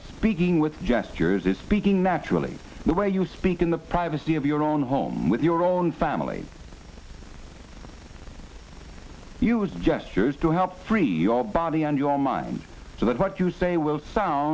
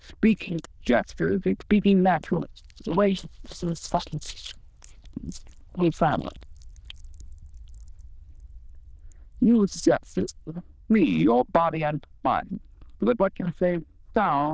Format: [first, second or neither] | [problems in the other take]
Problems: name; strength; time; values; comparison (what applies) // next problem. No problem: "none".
first | noise reduction (neural diffusion model UNIVERSE++)